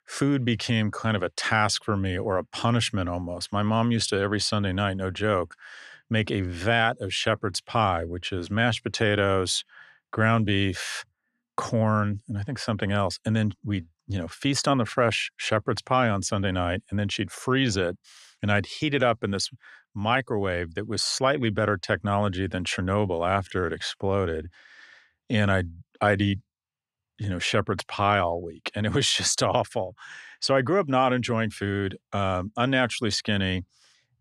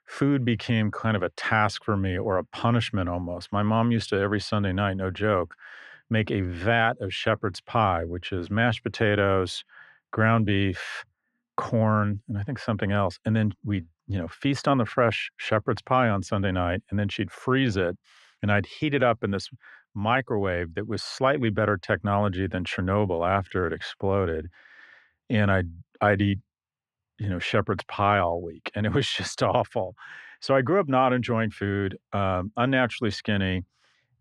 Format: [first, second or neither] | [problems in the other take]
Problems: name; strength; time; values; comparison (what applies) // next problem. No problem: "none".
first | muffled; slightly; fading above 4 kHz